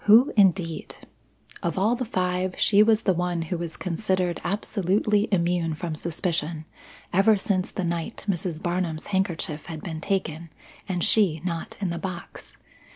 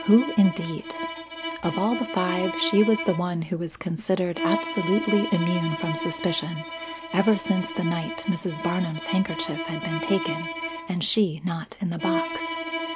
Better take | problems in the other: first | background sound (Bowed string instrument); 6 dB below the speech

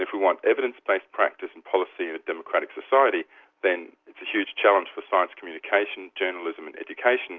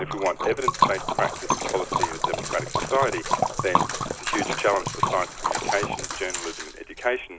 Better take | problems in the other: first | background sound (Liquid); 1 dB above the speech

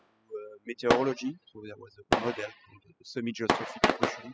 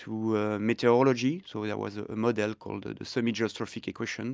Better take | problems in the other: second | noise reduction (classical method spectral subtraction)

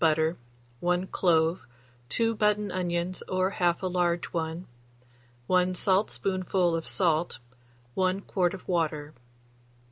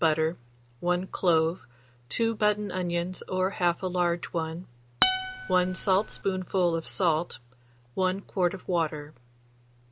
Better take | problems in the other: first | background sound (Acoustic guitar); 3 dB below the speech

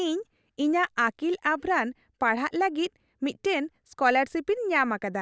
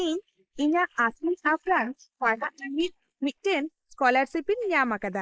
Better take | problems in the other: first | noise reduction (neural mask model Resemble Enhance denoiser)

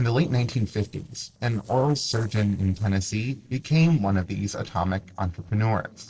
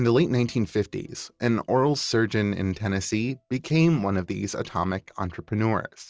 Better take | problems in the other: second | noise reduction (neural separator model SepFormer DNS4)

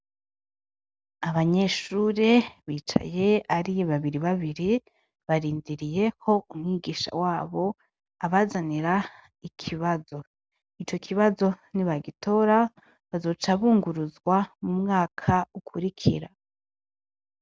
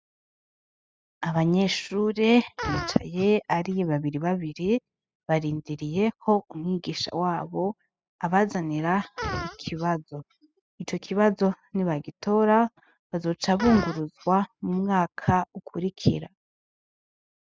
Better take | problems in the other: first | noise reduction (classical method spectral subtraction)

